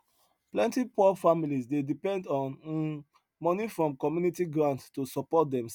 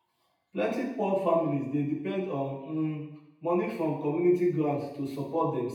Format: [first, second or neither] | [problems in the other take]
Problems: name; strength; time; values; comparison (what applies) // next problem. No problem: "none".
first | room echo; dies away in 0.9 s